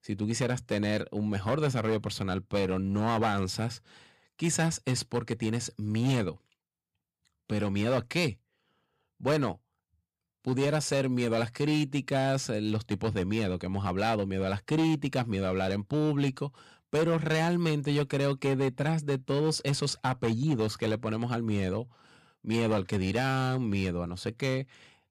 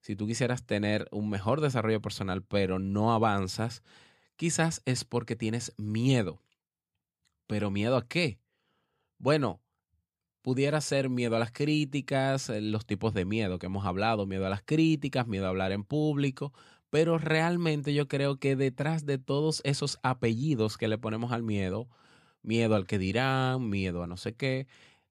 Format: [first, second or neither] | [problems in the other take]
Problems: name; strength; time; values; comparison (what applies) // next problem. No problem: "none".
second | distortion; slight; 7% of the sound clipped